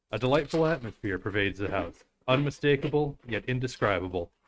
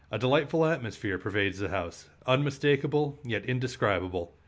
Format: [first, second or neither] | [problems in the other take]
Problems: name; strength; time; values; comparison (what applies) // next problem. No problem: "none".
second | noise reduction (neural mask model RNNoise)